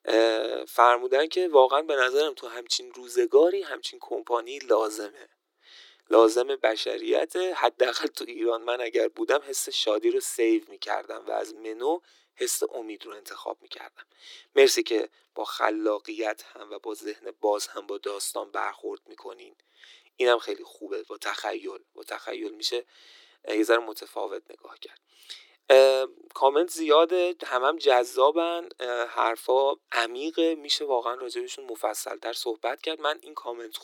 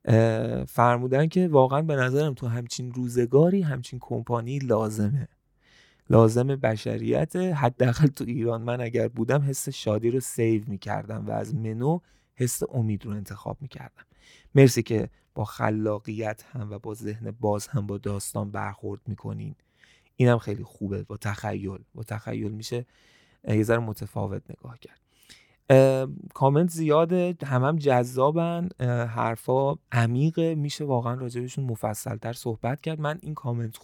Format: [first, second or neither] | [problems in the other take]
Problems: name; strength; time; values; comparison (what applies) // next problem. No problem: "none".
second | thin; very; fading below 300 Hz